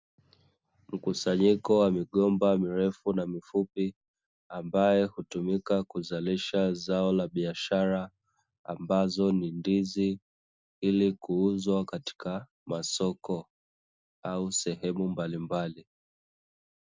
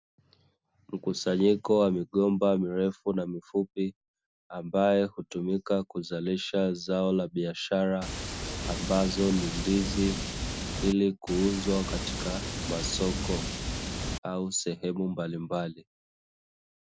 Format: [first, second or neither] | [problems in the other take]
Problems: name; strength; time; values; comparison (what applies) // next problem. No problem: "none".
first | background sound (Water); 4 dB below the speech